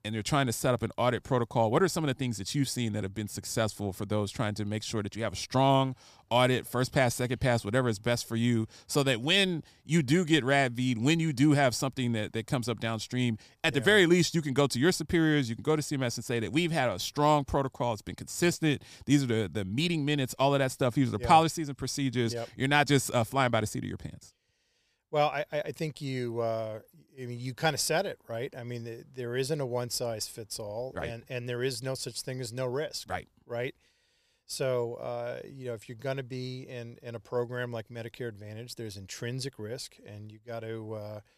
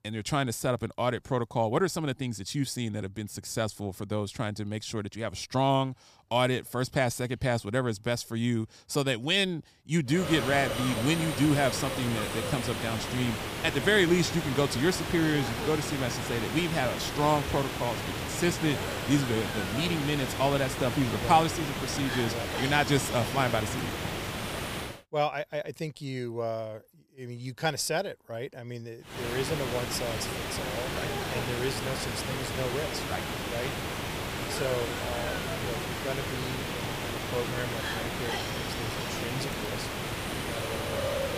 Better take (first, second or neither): first